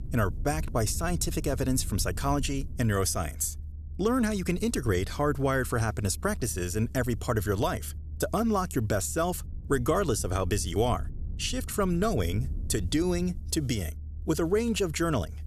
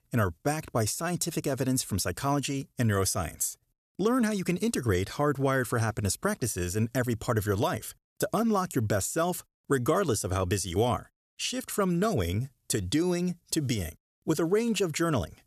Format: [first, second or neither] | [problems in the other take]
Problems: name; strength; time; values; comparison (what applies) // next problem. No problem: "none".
second | low rumble; faint; throughout; 25 dB below the speech